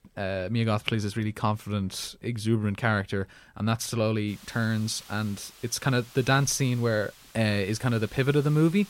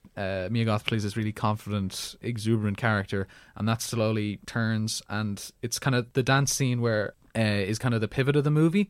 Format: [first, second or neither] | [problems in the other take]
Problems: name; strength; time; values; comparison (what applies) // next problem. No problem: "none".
second | hiss; faint; from 4.5 s on; 20 dB below the speech